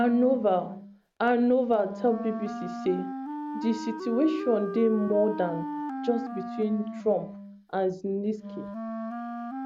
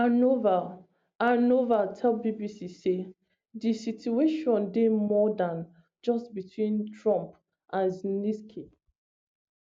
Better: second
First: background sound (Wind instrument, woodwind instrument); 9 dB below the speech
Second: none

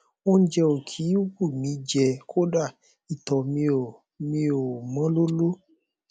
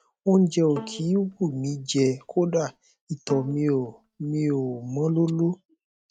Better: first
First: none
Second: noise reduction (neural mask model RNNoise)

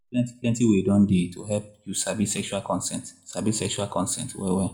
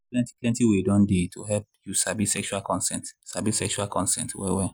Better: second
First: room echo; dies away in 0.4 s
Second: none

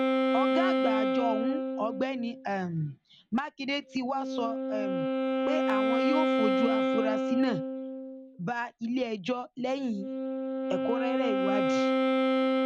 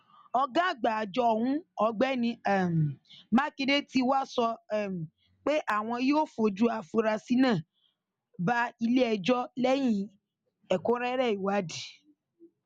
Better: second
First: background sound (Wind instrument, woodwind instrument); 4 dB above the speech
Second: none

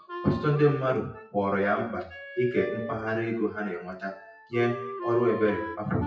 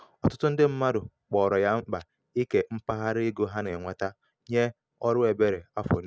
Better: second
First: noise reduction (classical method WPE with log-MMSE)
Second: none

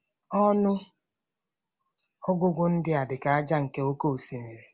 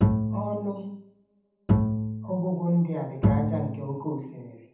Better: first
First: none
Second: background sound (Bowed string instrument); 3 dB above the speech // room echo; dies away in 0.8 s

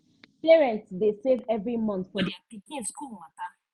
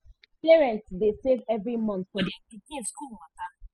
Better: first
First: none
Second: noise reduction (classical method spectral subtraction)

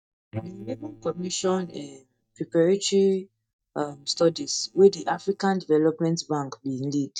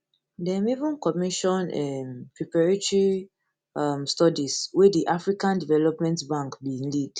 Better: second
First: noise reduction (neural mask model DeepFilterNet 3)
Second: none

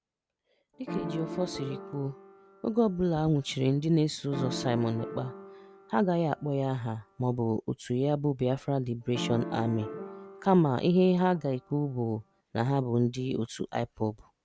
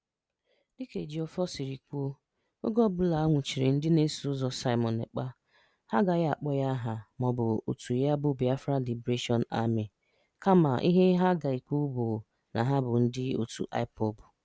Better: second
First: background sound (Piano); 12 dB below the speech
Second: none

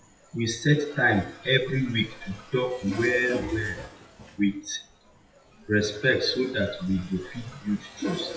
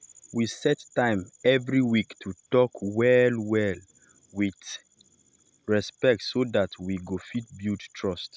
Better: second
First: noise reduction (classical method WPE with log-MMSE)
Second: none

